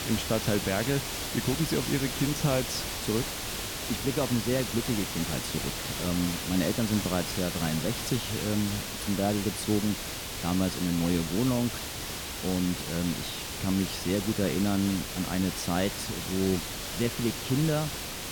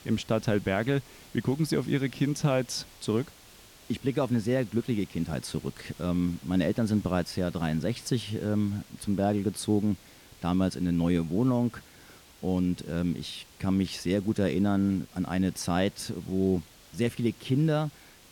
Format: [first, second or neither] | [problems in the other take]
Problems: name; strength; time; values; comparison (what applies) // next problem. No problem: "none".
second | hiss; loud; throughout; 3 dB below the speech; faint in the second